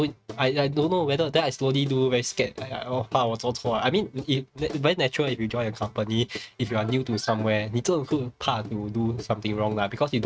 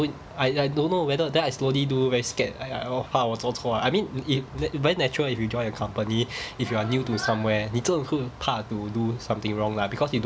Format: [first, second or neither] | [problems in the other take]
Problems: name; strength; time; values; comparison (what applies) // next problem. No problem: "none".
second | noise reduction (neural mask model RNNoise)